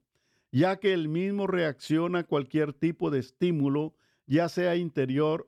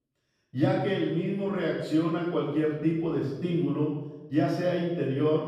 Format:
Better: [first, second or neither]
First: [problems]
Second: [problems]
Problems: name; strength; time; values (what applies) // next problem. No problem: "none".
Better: first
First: none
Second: off-mic speech; far // room echo; noticeable; dies away in 0.9 s